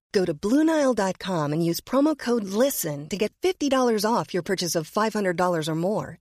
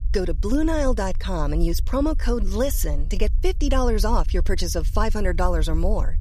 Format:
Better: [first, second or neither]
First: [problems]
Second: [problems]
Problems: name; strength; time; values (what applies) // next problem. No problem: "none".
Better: first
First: none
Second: low rumble; faint; throughout; 20 dB below the speech